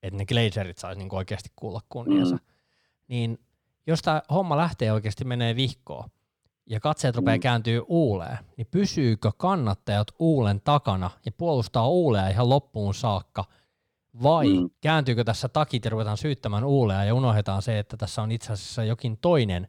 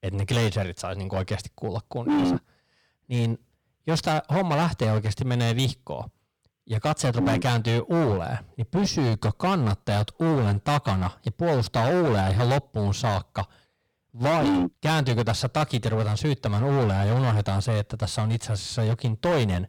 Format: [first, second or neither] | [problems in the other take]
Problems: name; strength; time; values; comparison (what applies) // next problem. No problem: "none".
first | distortion; heavy; 18% of the sound clipped